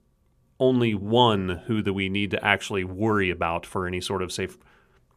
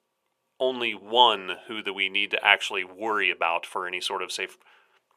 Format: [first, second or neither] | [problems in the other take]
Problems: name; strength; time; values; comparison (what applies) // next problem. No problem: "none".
first | thin; very; fading below 600 Hz